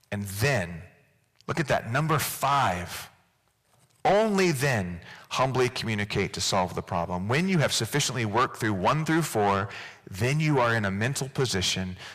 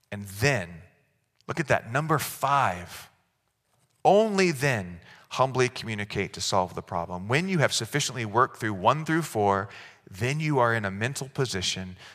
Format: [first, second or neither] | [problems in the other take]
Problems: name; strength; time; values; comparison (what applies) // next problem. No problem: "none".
second | distortion; heavy; 7 dB below the speech